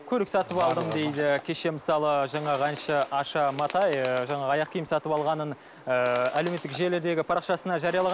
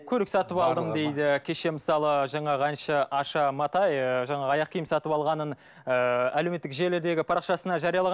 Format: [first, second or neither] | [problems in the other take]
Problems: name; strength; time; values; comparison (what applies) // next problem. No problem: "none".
second | background sound (Bird); 17 dB below the speech